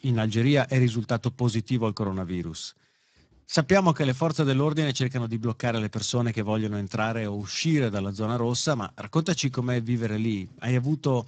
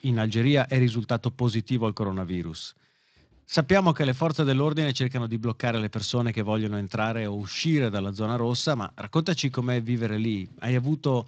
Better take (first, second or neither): second